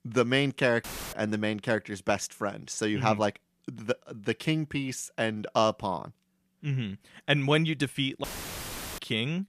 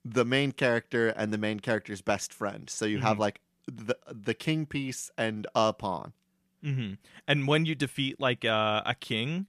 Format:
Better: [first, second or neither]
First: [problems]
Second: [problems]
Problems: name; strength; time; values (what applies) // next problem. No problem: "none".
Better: second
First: audio cutting out; filled with static; at 1 s and at 8 s for 0.5 s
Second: none